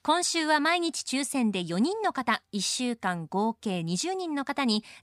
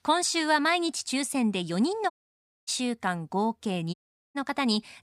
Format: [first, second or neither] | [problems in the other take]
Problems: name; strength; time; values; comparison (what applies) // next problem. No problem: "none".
first | audio cutting out; at 2 s for 0.5 s and at 4 s